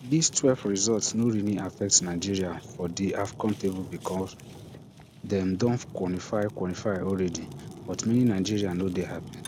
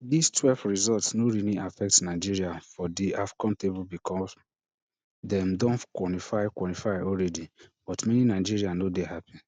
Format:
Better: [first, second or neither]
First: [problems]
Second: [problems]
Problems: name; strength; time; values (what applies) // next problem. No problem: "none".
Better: second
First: background sound (Fire); 16 dB below the speech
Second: none